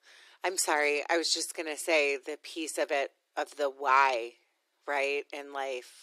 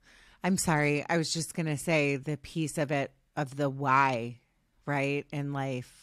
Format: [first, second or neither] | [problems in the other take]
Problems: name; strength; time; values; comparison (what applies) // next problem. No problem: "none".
second | thin; very; fading below 350 Hz